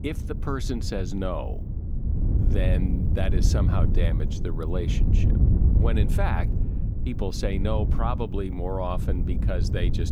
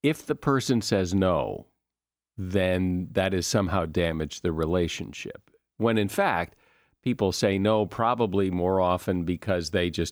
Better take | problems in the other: second | wind noise on the microphone; heavy; 6 dB below the speech

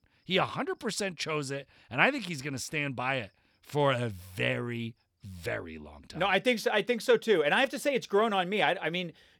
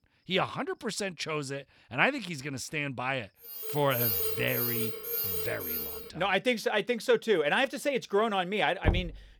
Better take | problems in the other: first | alarm; loud; from 3.5 to 6 s; peak 4 dB above the speech // door banging; noticeable; at 9 s; peak 1 dB below the speech

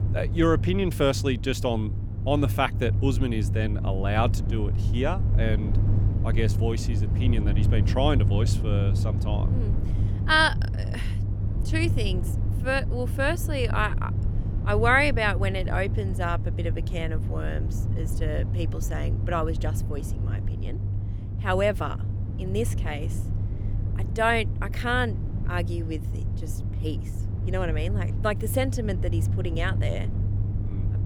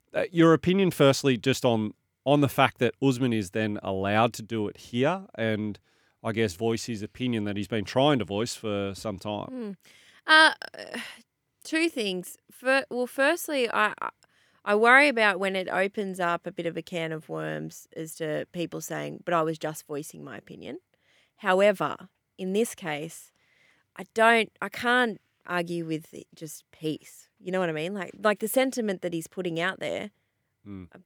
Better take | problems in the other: second | low rumble; noticeable; throughout; 15 dB below the speech

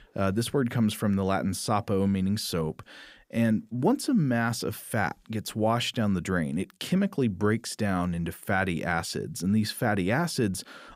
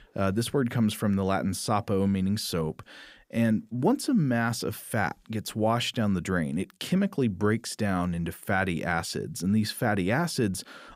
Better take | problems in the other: neither | none

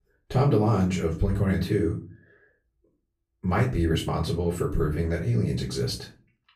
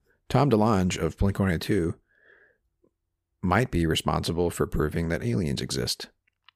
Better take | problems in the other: second | off-mic speech; far // room echo; slight; dies away in 0.4 s

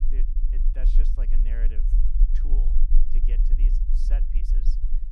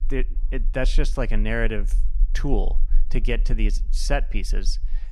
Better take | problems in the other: second | low rumble; loud; throughout; 1 dB below the speech; faint in the second

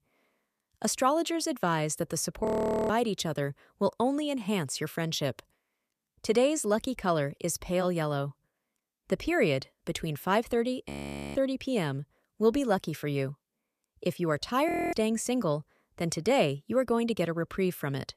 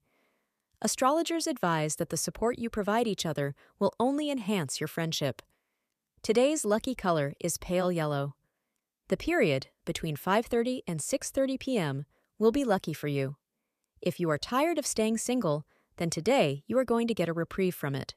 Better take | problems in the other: second | audio freezing; at 2.5 s, at 11 s and at 15 s

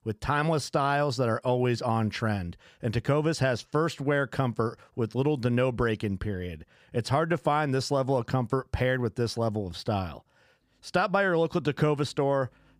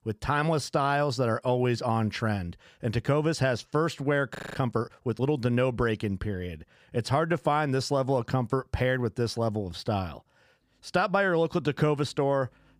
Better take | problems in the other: first | audio freezing; at 4.5 s

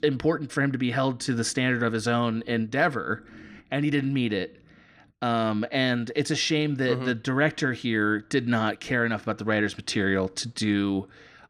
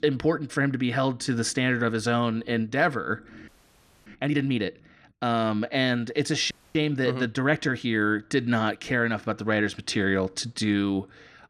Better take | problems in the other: first | audio freezing; at 3.5 s for 0.5 s and at 6.5 s

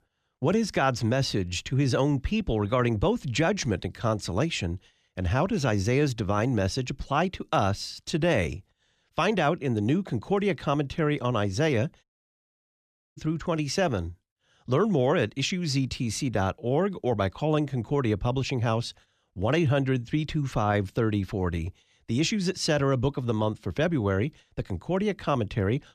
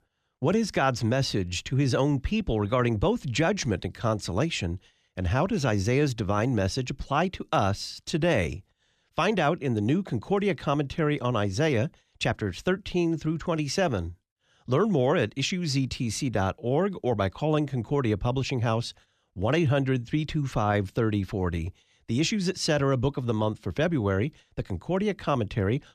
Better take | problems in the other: second | audio cutting out; at 12 s for 1 s

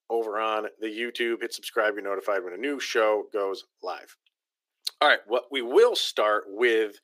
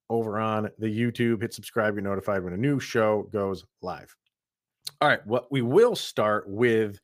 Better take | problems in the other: second | thin; somewhat; fading below 300 Hz

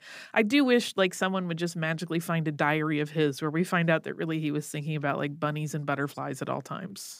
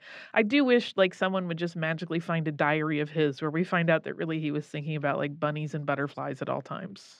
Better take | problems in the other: first | muffled; slightly; fading above 3 kHz

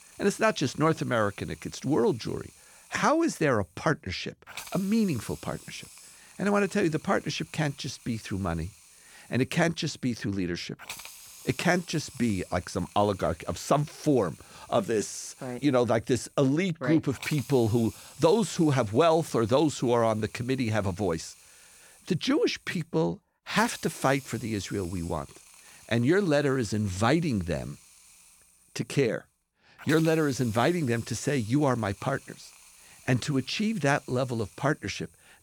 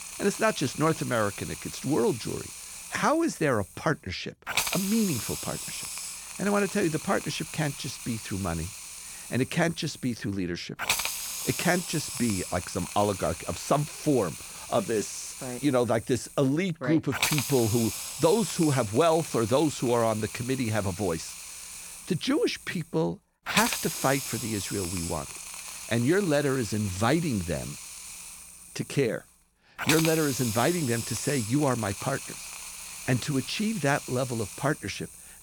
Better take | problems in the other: first | hiss; loud; throughout; 6 dB below the speech; faint in the first

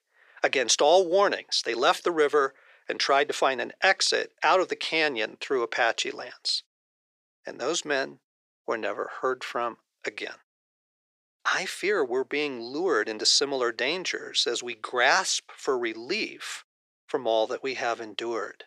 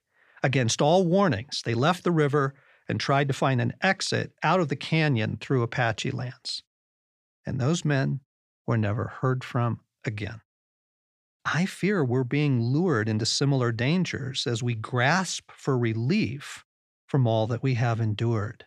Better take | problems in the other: second | thin; very; fading below 400 Hz

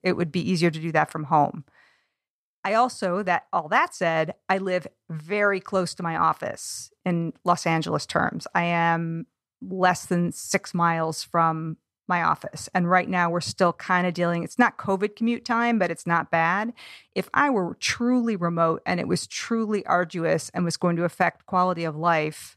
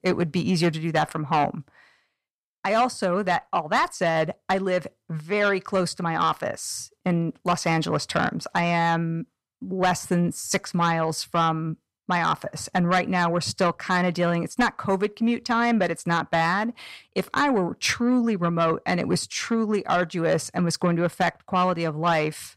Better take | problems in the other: first | distortion; slight; 10 dB below the speech

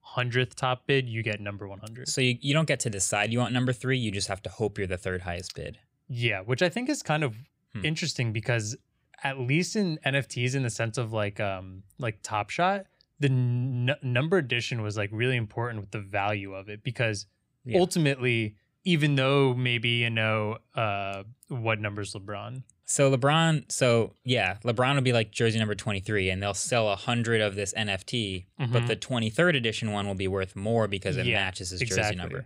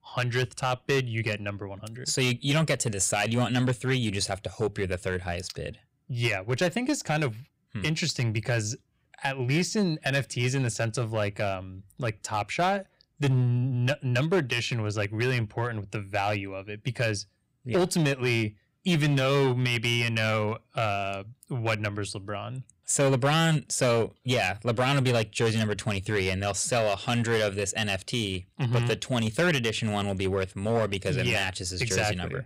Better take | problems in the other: first | distortion; slight; 6% of the sound clipped

